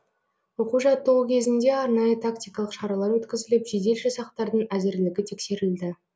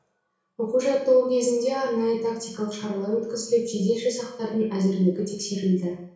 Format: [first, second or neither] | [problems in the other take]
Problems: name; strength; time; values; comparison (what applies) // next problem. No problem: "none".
first | room echo; dies away in 0.6 s